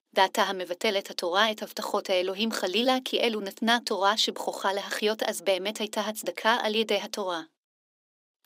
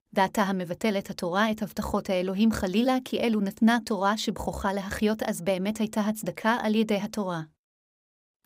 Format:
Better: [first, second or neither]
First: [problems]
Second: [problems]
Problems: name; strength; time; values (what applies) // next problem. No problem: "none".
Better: second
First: thin; somewhat; fading below 300 Hz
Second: none